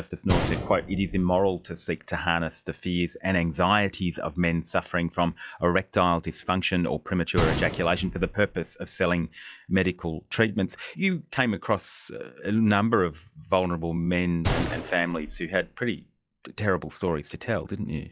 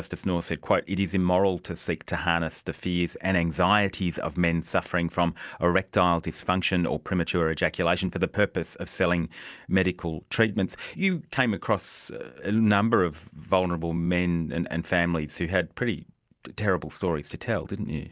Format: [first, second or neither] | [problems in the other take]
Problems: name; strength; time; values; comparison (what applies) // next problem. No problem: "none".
second | noise reduction (classical method log-MMSE)